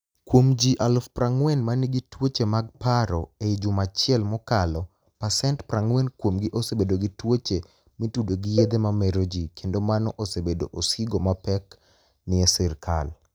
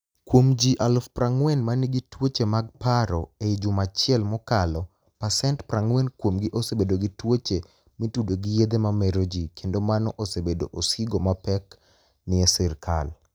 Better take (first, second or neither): second